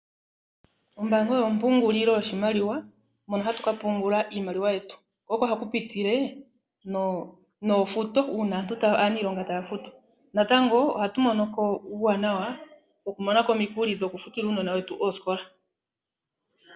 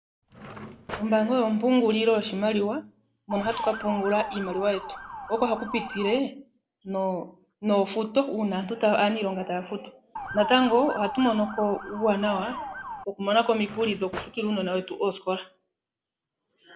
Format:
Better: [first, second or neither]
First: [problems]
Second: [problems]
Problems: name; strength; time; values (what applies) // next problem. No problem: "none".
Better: first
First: none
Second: background sound (Motor vehicle (road) / Siren + Cutlery, silverware / Drawer open or close); 11 dB below the speech